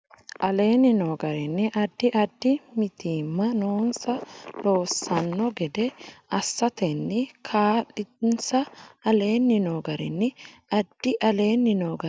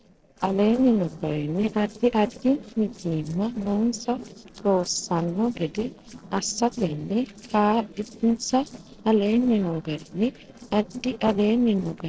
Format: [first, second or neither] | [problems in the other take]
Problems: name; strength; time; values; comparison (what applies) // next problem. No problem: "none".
first | noise reduction (neural separator model SepFormer DNS4)